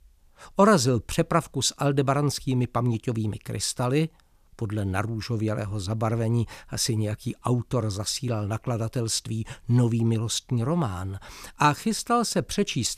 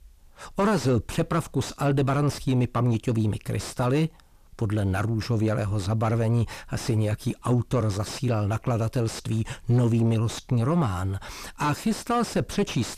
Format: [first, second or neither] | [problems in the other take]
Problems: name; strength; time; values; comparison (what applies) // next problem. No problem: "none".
first | distortion; heavy; 6 dB below the speech